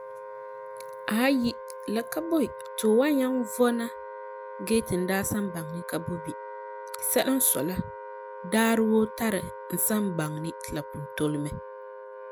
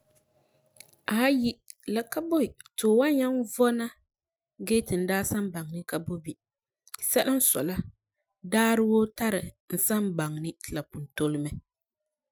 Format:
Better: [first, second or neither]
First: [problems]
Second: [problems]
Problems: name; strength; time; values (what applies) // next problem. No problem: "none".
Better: second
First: background sound (Wind instrument, woodwind instrument); 12 dB below the speech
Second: none